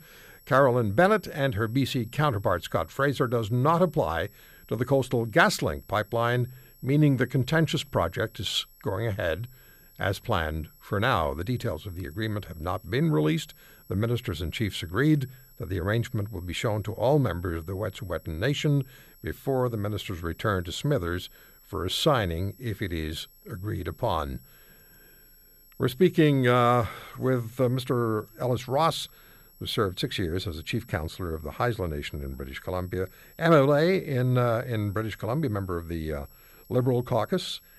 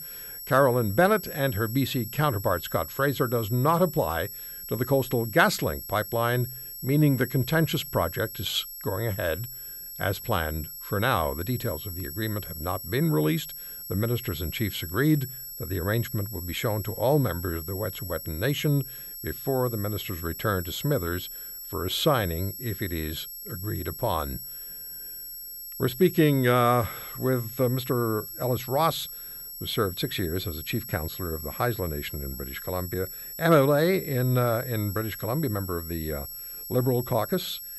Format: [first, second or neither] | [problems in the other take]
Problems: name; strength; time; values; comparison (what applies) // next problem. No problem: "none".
first | high-pitched whine; loud; throughout; 11.5 kHz, 9 dB below the speech; faint in the first